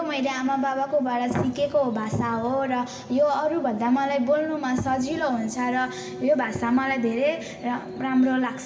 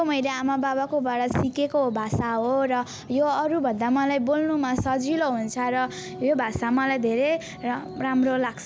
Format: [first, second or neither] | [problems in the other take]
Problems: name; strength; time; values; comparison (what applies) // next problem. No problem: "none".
second | room echo; dies away in 2.2 s